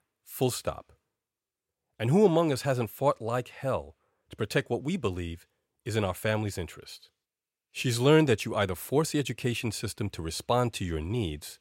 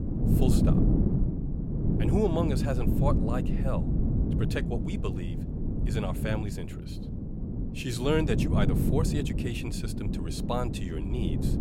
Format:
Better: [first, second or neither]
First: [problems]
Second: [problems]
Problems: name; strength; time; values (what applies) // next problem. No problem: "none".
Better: first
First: none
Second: wind noise on the microphone; heavy; 3 dB below the speech